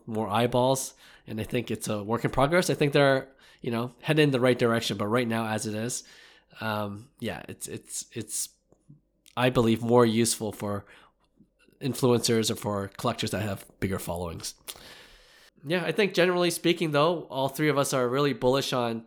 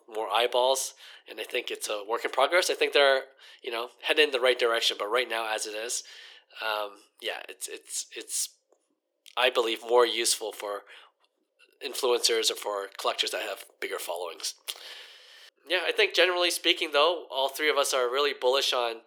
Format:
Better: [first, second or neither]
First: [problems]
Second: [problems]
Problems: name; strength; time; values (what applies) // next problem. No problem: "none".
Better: first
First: none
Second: thin; very; fading below 400 Hz